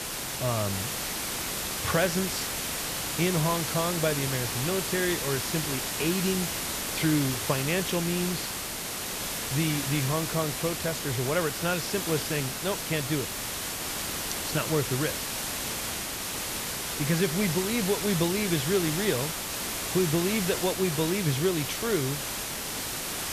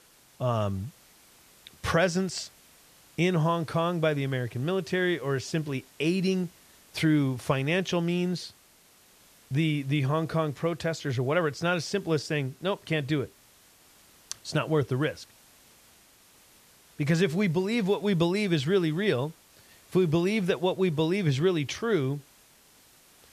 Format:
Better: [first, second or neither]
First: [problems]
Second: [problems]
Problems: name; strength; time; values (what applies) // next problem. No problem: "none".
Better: second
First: hiss; loud; throughout; 1 dB below the speech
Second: hiss; faint; throughout; 25 dB below the speech